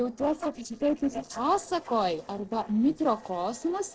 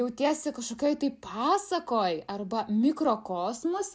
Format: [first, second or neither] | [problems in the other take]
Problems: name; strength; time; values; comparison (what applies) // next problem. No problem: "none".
second | noise reduction (neural separator model SepFormer DNS4)